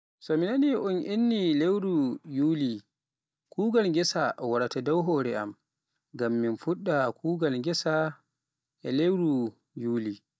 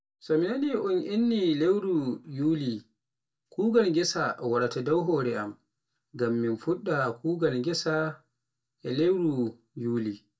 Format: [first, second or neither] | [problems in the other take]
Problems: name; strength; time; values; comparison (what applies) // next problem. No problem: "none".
first | room echo; dies away in 0.2 s